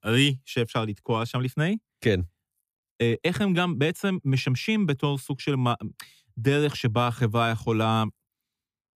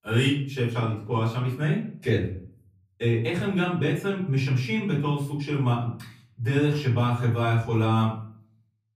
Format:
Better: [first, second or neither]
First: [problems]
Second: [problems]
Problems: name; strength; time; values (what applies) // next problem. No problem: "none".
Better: first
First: none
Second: off-mic speech; far // room echo; slight; dies away in 0.5 s